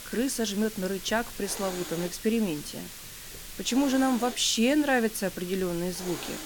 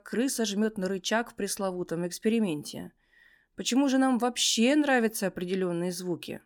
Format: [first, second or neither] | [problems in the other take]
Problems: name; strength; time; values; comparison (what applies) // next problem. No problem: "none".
second | hiss; noticeable; throughout; 10 dB below the speech